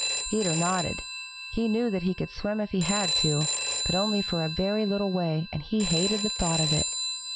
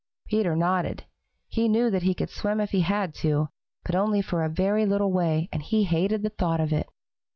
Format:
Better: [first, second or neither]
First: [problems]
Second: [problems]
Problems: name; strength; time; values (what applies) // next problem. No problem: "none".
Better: second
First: background sound (Telephone); 3 dB below the speech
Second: none